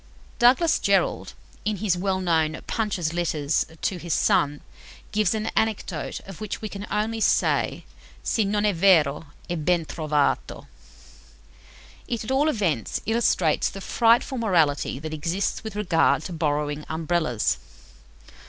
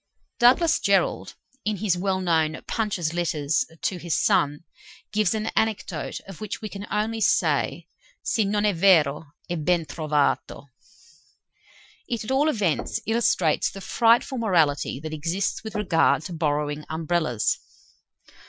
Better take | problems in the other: first | noise reduction (classical method Wiener filter)

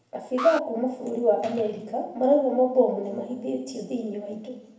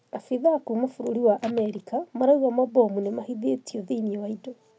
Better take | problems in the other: second | background sound (Alarm); 13 dB below the speech // room echo; dies away in 0.8 s

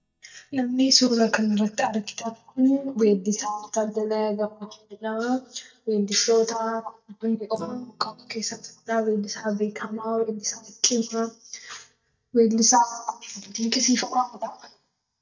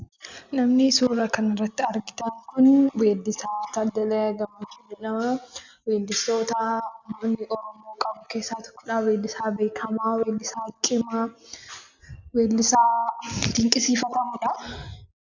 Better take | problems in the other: second | noise reduction (neural mask model DeepFilterNet 3)

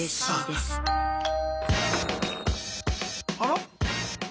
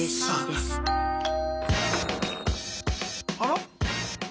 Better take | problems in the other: first | background sound (Guitar); 12 dB below the speech

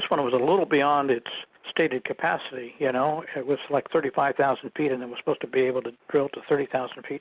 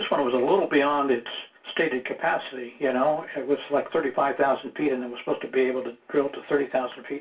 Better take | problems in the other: first | room echo; dies away in 0.2 s

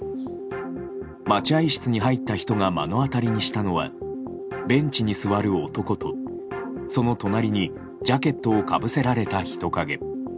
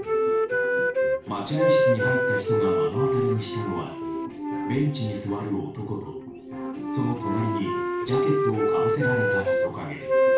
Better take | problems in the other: first | background sound (Wind instrument, woodwind instrument); 5 dB above the speech // room echo; dies away in 0.4 s

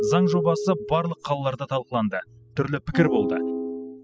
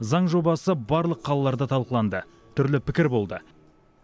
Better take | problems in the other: second | noise reduction (classical method spectral subtraction)

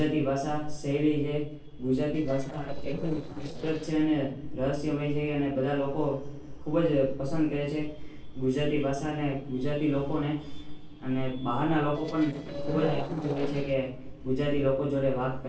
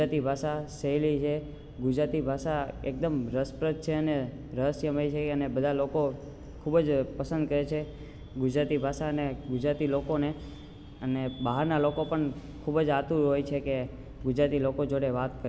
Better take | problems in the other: second | noise reduction (neural separator model SepFormer DNS4)

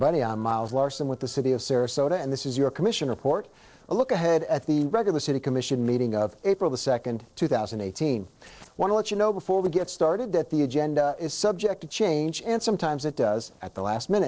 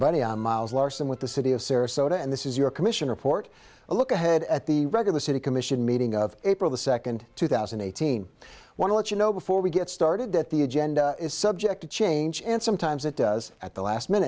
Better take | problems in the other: second | noise reduction (neural separator model SepFormer DNS4)

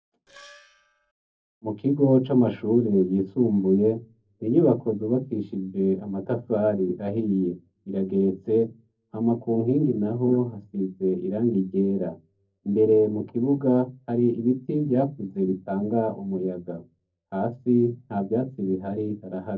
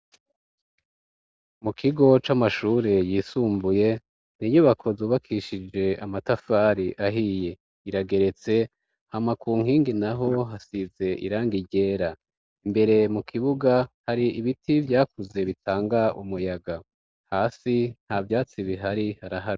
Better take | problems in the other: second | noise reduction (neural separator model SepFormer DNS4)

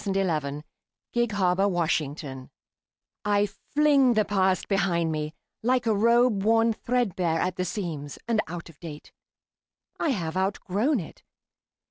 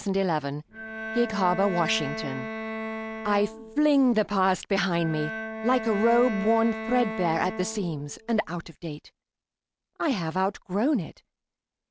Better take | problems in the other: first | background sound (Bowed string instrument); 8 dB below the speech

